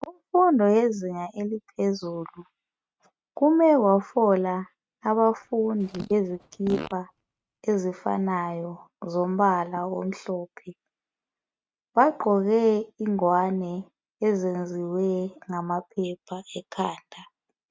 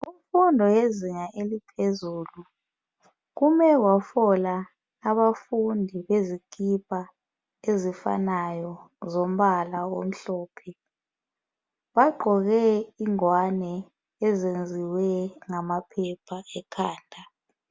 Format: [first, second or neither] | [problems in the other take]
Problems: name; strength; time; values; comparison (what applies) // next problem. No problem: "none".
second | noise reduction (neural mask model RNNoise)